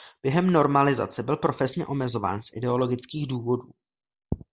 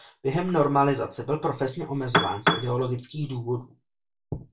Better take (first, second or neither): first